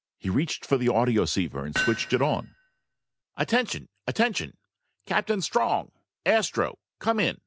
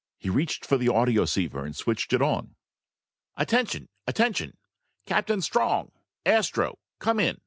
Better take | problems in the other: second | background sound (Hammer); 8 dB below the speech

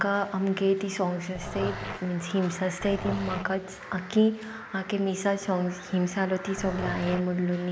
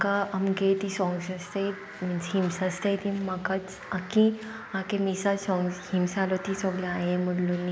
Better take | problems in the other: second | background sound (Growling); 9 dB below the speech

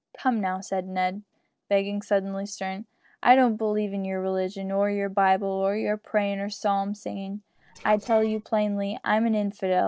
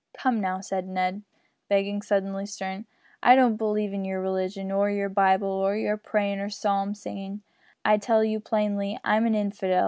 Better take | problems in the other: second | noise reduction (neural separator model SepFormer DNS4)

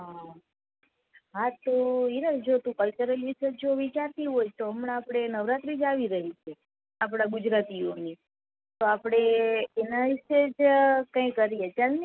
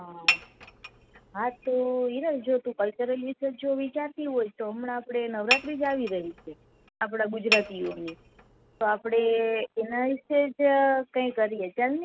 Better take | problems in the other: first | background sound (Dishes, pots, and pans / Chink, clink); 4 dB below the speech

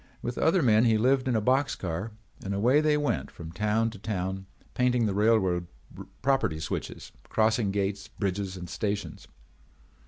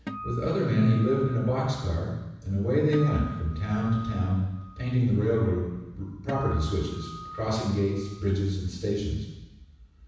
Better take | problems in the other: first | background sound (Acoustic guitar); 15 dB below the speech // room echo; dies away in 1.1 s

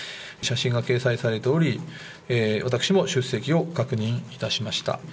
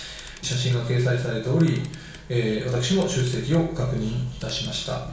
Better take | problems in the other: first | background sound (Camera); 18 dB below the speech // room echo; dies away in 0.6 s

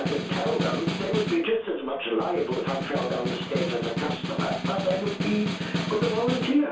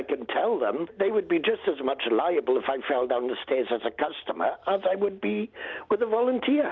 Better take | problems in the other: second | background sound (Snare drum); 3 dB below the speech // room echo; dies away in 0.3 s

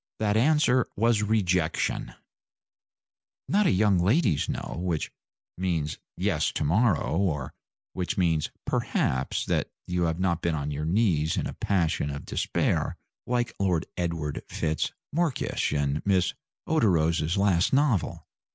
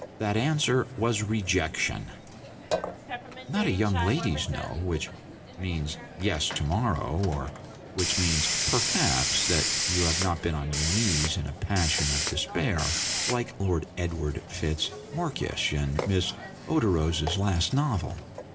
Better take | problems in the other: first | background sound (Hiss); 5 dB below the speech // room echo; dies away in 0.9 s

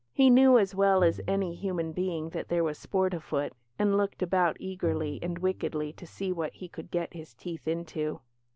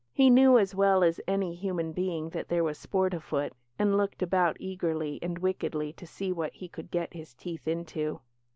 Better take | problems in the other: second | background sound (Bowed string instrument); 17 dB below the speech

